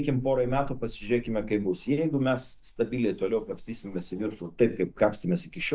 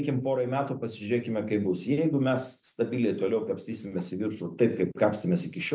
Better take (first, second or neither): second